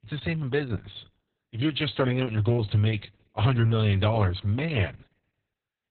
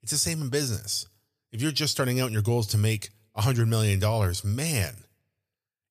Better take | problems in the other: second | garbled, watery; badly; nothing above 4 kHz

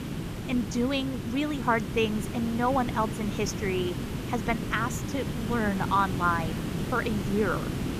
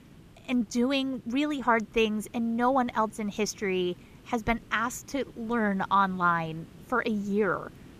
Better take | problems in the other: second | hiss; loud; throughout; 4 dB below the speech; faint in the second

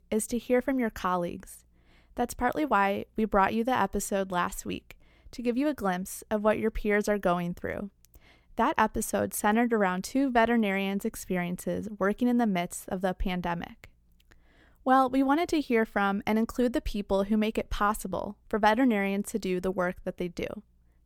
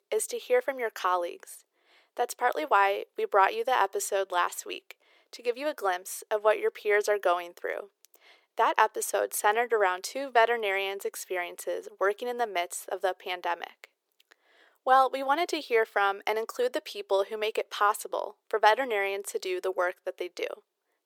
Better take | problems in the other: first | thin; very; fading below 400 Hz

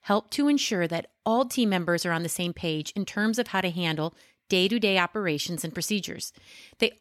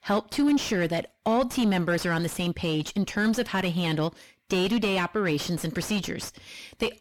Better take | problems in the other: first | distortion; heavy; 7 dB below the speech

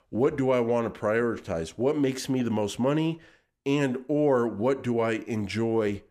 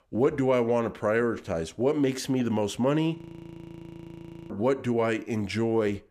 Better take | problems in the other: first | audio freezing; at 3 s for 1.5 s

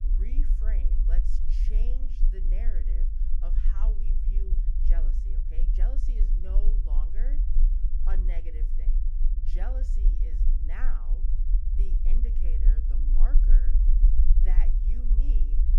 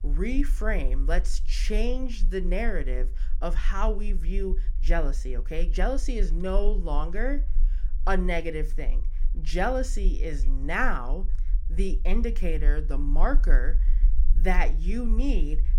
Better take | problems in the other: second | low rumble; loud; throughout; 3 dB below the speech; faint in the second

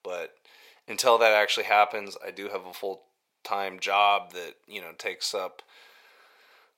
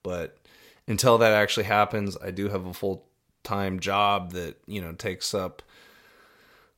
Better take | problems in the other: second | thin; very; fading below 550 Hz

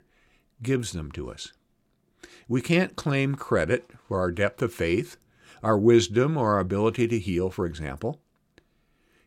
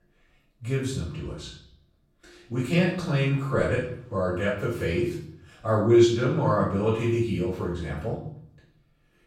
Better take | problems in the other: first | room echo; noticeable; dies away in 0.6 s // off-mic speech; far

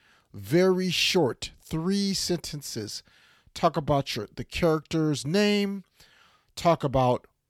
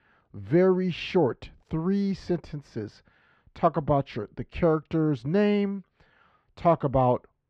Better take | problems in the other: first | muffled; very; fading above 1.5 kHz

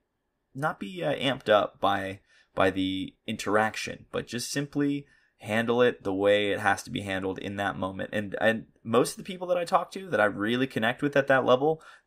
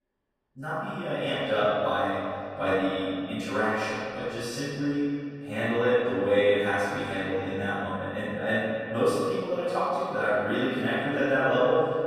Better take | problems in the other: first | room echo; strong; dies away in 2.2 s // off-mic speech; far

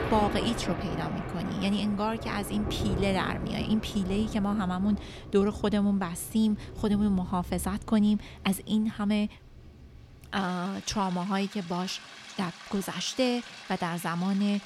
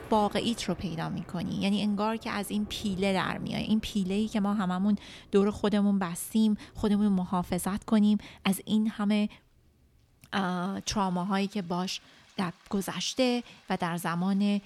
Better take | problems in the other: second | rain or running water; loud; throughout; 10 dB below the speech; faint in the second

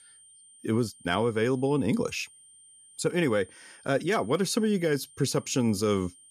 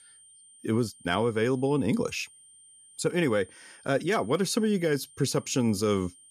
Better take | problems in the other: neither | high-pitched whine; faint; throughout; 9 kHz, 25 dB below the speech; the same in both

